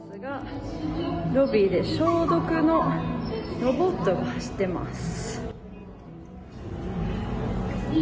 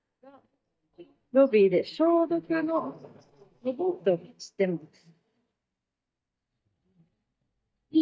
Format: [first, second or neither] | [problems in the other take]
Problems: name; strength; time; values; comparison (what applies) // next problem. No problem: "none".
first | noise reduction (neural mask model DeepFilterNet 3)